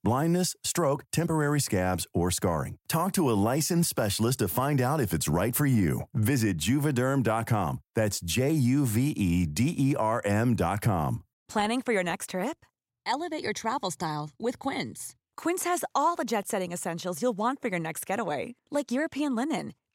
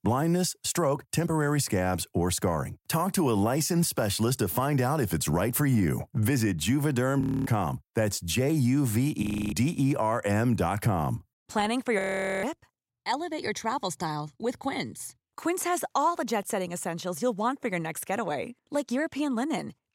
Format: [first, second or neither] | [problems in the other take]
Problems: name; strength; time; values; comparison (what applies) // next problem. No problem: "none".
first | audio freezing; at 7 s, at 9 s and at 12 s